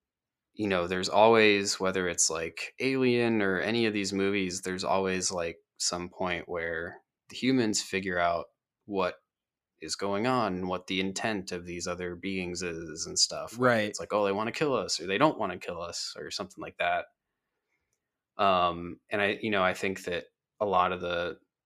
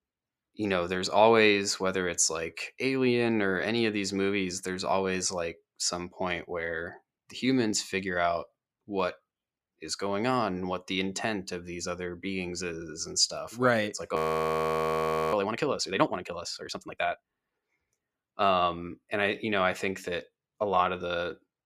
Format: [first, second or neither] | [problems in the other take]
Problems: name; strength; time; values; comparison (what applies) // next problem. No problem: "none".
first | audio freezing; at 14 s for 1 s